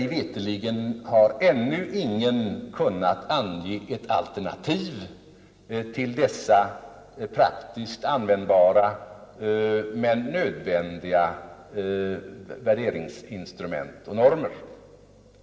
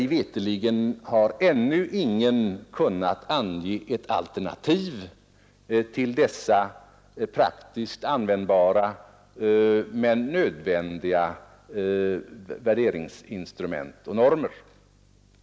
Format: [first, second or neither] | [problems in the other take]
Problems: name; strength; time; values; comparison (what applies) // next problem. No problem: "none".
second | room echo; dies away in 2.6 s